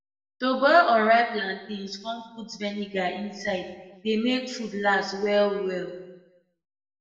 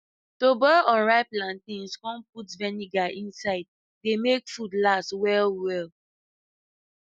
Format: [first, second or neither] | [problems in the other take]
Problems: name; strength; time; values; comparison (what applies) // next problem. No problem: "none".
second | room echo; dies away in 0.9 s